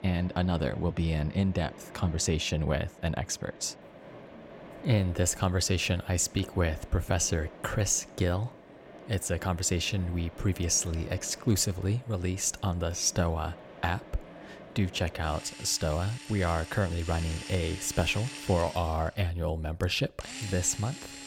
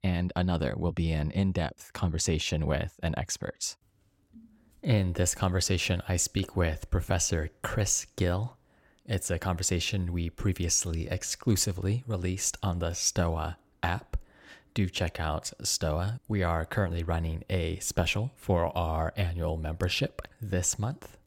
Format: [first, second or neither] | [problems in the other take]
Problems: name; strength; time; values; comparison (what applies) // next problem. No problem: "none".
second | machinery noise; noticeable; throughout; 15 dB below the speech